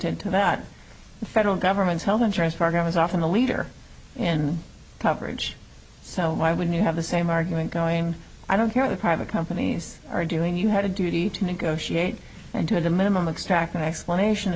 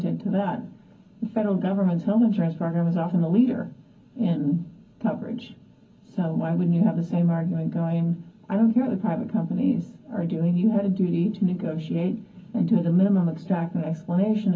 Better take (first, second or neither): first